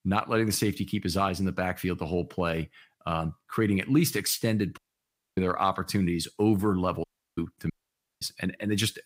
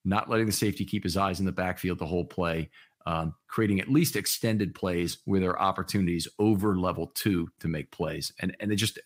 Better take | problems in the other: second | audio cutting out; at 5 s for 0.5 s, at 7 s and at 7.5 s for 0.5 s

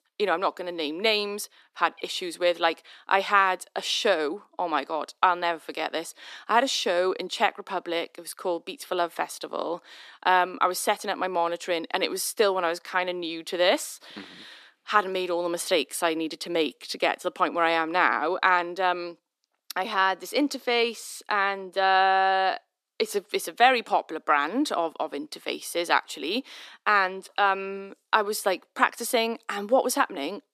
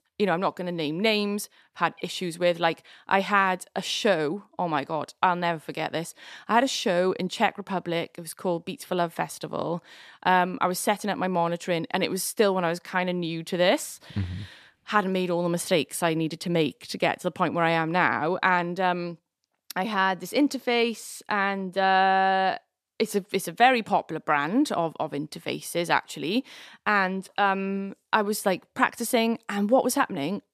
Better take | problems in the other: second | thin; somewhat; fading below 300 Hz

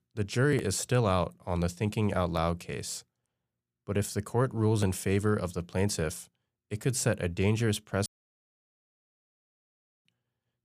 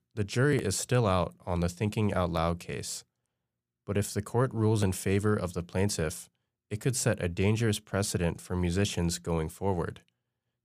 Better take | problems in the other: second | audio cutting out; at 8 s for 2 s

